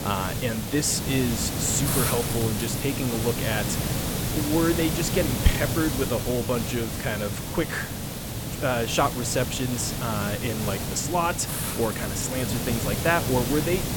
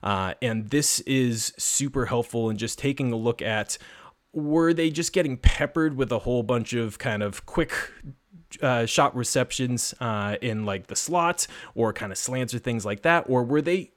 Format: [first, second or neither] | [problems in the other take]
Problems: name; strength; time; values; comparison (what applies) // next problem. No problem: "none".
second | hiss; loud; throughout; 1 dB below the speech